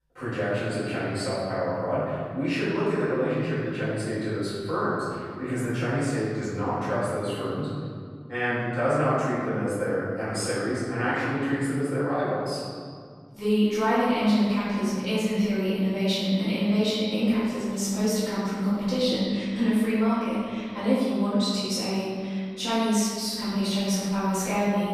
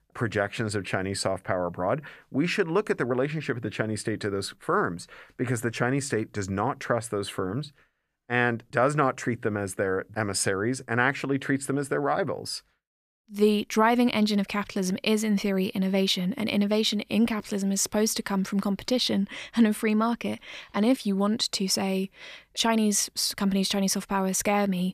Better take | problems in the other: second | off-mic speech; far // room echo; strong; dies away in 2.1 s

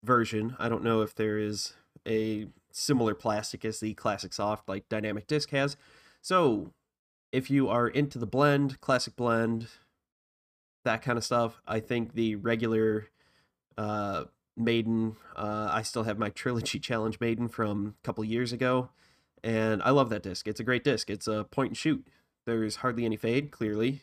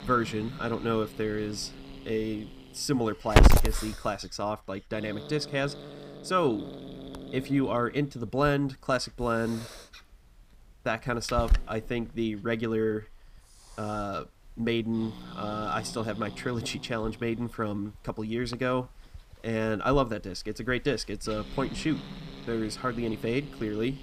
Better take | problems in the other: first | hiss; loud; throughout; 3 dB below the speech

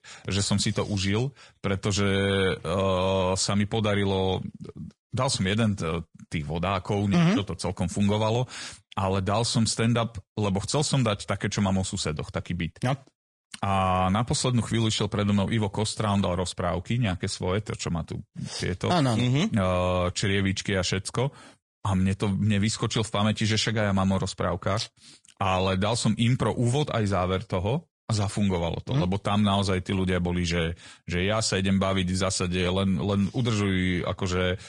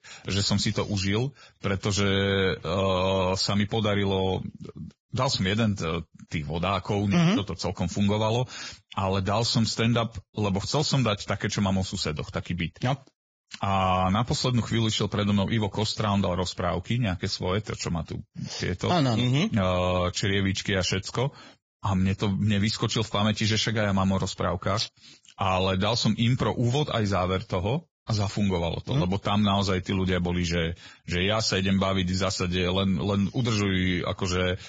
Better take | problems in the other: first | garbled, watery; badly; nothing above 7.5 kHz; slightly in the first

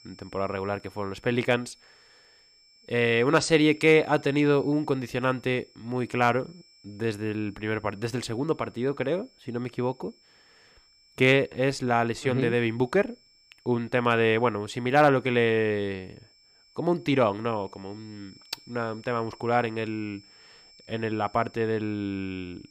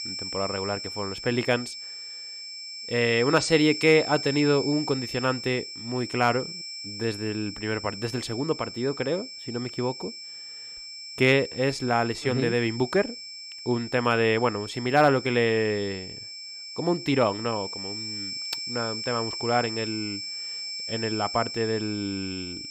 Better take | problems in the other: first | high-pitched whine; loud; throughout; 5.5 kHz, 8 dB below the speech; faint in the first

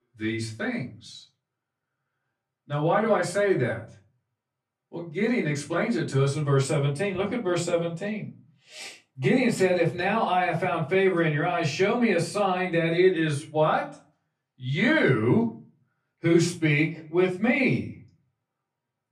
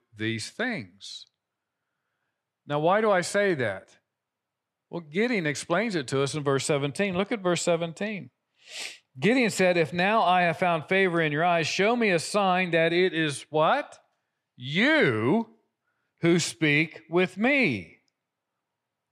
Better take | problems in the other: second | room echo; slight; dies away in 0.3 s // off-mic speech; far

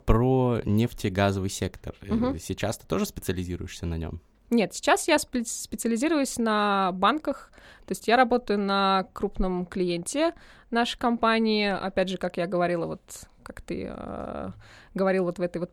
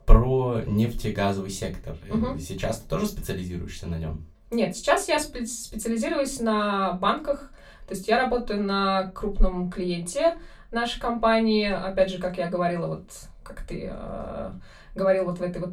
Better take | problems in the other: first | off-mic speech; far // room echo; very slight; dies away in 0.2 s

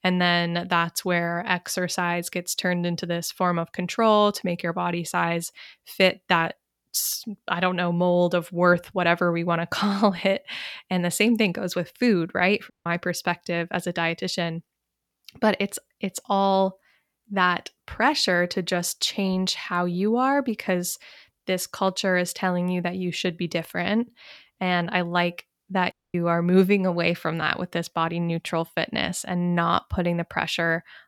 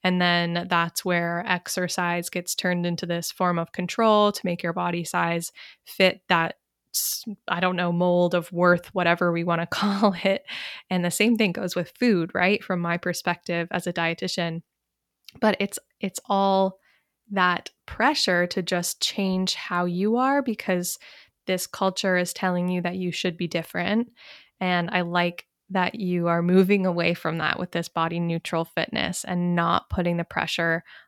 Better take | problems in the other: second | audio cutting out; at 13 s and at 26 s

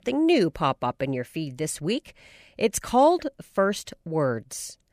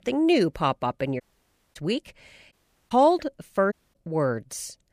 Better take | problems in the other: first | audio cutting out; at 1 s for 0.5 s, at 2.5 s and at 3.5 s

